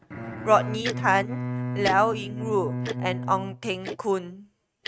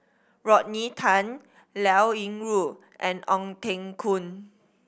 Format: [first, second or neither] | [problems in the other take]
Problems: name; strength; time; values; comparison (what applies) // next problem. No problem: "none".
second | noise reduction (neural mask model RNNoise)